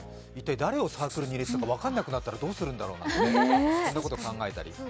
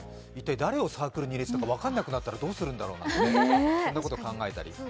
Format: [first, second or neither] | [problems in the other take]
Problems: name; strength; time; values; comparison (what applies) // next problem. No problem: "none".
second | background sound (Writing); 18 dB below the speech